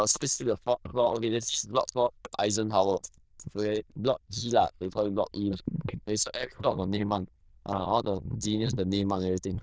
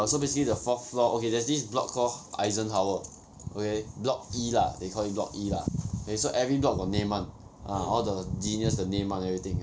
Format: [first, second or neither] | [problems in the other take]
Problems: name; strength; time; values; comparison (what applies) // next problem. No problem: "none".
second | noise reduction (neural diffusion model UNIVERSE++)